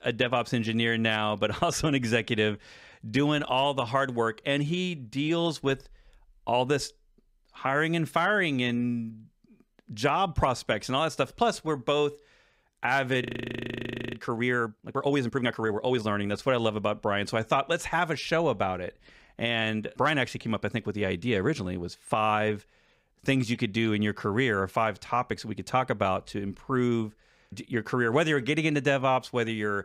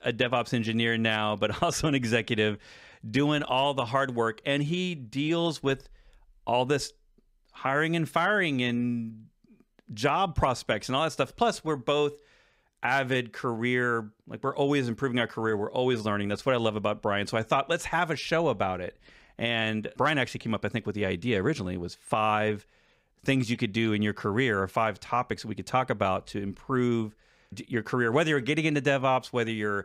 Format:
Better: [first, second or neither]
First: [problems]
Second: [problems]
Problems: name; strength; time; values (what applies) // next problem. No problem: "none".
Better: second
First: audio freezing; at 13 s for 1 s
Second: none